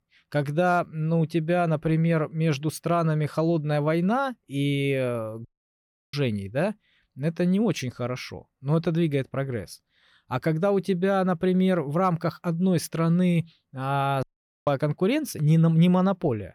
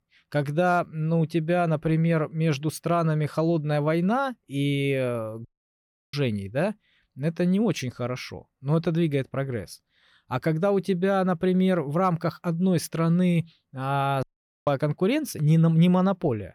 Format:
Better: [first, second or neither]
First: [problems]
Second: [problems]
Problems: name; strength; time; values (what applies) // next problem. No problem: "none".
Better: neither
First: audio cutting out; at 5.5 s for 0.5 s and at 14 s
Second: audio cutting out; at 5.5 s for 0.5 s and at 14 s